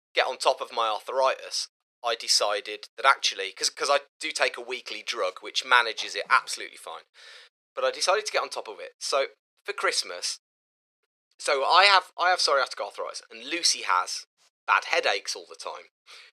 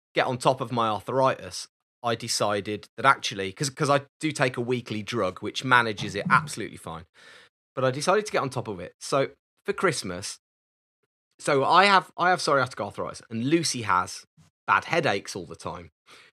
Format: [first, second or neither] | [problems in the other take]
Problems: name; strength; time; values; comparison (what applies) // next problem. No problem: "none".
second | thin; very; fading below 500 Hz